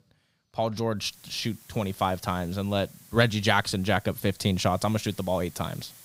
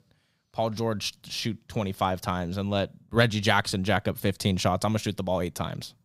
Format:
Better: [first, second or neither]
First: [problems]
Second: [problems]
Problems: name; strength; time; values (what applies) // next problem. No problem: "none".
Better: second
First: hiss; faint; from 1 s on; 20 dB below the speech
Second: none